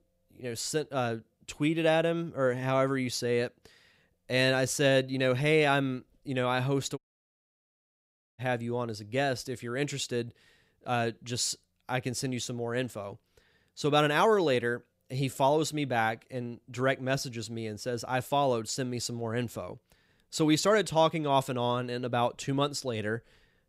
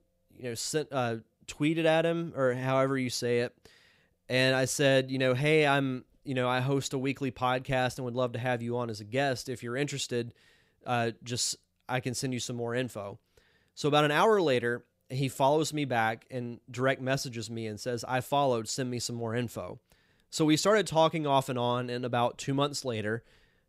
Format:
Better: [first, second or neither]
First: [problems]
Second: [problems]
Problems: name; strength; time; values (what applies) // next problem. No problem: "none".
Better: second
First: audio cutting out; at 7 s for 1.5 s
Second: none